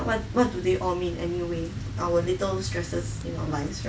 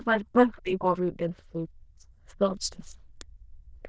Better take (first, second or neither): first